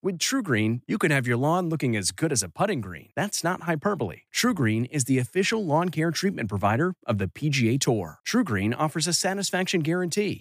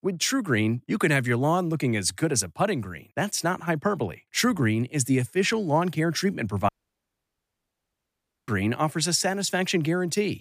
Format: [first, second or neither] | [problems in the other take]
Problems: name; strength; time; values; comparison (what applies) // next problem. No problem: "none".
first | audio cutting out; at 6.5 s for 2 s